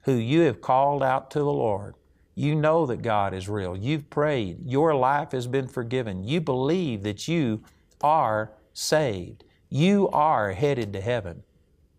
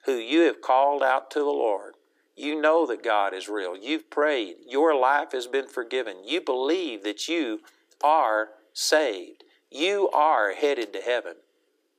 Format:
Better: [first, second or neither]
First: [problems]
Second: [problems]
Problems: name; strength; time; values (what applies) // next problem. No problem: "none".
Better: first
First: none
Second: thin; somewhat; fading below 300 Hz